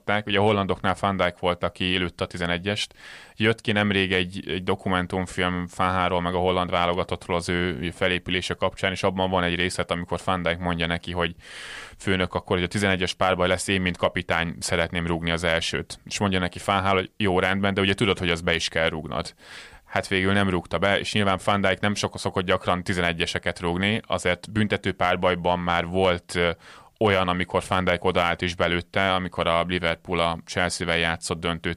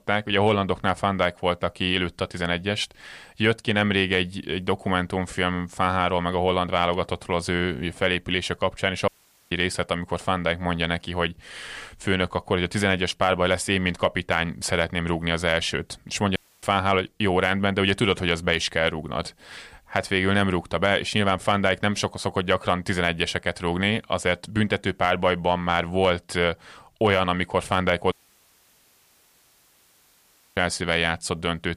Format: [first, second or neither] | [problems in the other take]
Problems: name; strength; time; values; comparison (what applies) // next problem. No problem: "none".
first | audio cutting out; at 9 s, at 16 s and at 28 s for 2.5 s